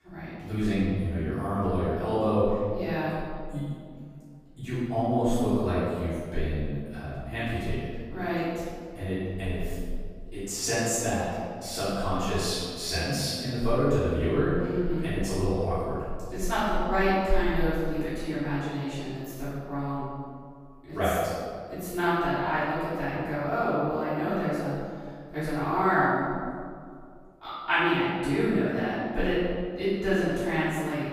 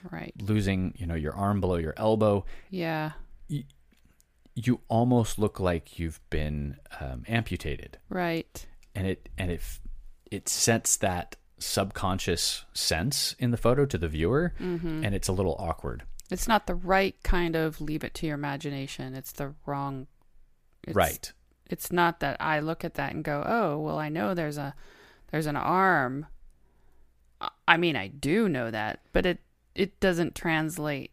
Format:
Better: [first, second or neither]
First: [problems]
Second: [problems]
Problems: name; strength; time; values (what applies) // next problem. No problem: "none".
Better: second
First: off-mic speech; far // room echo; strong; dies away in 1.8 s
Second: none